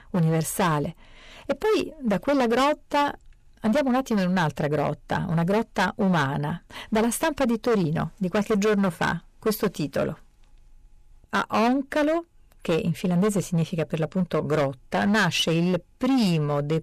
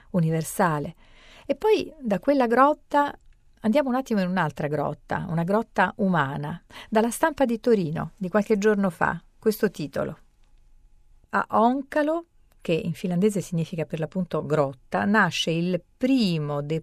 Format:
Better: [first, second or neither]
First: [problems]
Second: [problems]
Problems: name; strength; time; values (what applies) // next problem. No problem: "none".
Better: second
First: distortion; heavy; 14% of the sound clipped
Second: none